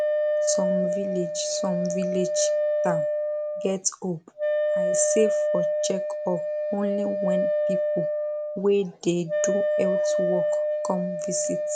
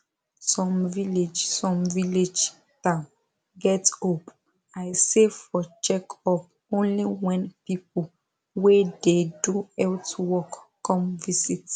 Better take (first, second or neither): second